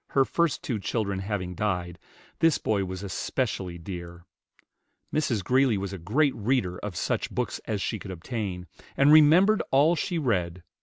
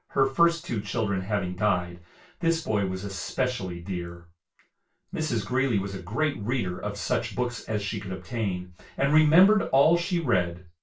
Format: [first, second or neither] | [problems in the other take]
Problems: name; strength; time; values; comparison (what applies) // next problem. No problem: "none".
first | room echo; dies away in 0.2 s